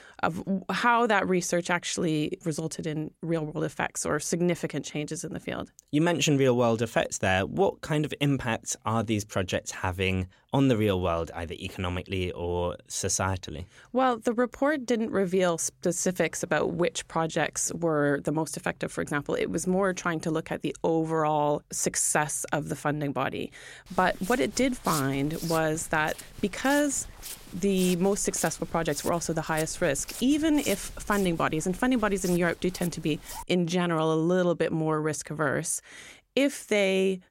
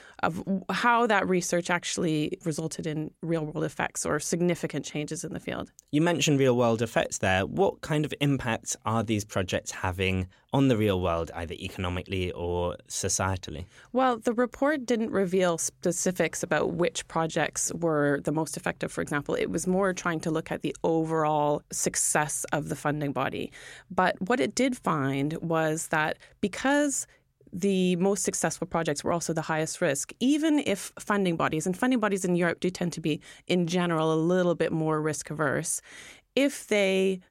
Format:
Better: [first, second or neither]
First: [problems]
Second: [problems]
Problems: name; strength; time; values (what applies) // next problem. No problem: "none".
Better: second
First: footsteps; noticeable; from 24 to 33 s; peak 7 dB below the speech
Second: none